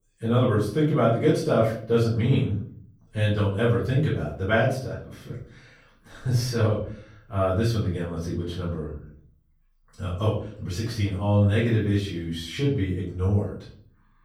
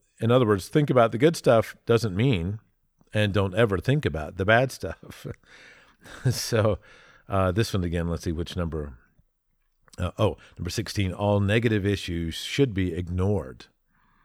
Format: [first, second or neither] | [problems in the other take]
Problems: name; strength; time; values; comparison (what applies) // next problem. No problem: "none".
second | off-mic speech; far // room echo; noticeable; dies away in 0.5 s